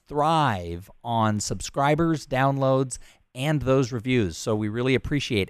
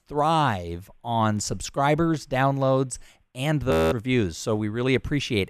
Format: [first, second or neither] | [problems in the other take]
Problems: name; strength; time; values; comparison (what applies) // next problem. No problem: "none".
first | audio freezing; at 3.5 s